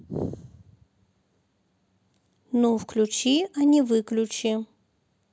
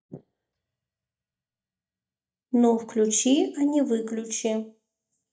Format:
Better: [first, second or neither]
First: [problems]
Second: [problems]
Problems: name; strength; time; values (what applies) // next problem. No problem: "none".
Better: first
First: none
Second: noise reduction (neural mask model DeepFilterNet 3)